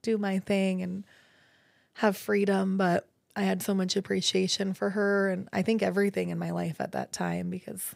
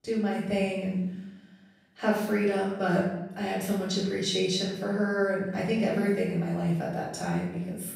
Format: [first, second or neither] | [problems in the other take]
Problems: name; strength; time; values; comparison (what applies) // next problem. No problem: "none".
first | room echo; noticeable; dies away in 0.8 s // off-mic speech; far